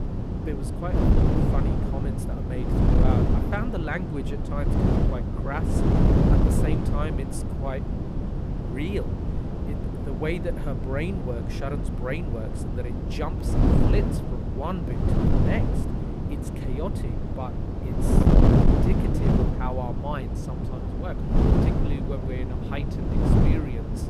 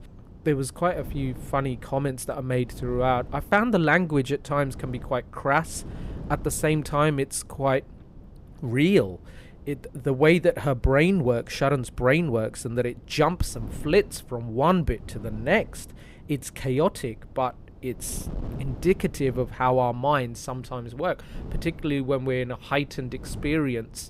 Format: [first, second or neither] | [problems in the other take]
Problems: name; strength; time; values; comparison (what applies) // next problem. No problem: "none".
second | wind noise on the microphone; heavy; 3 dB above the speech; occasional gusts in the second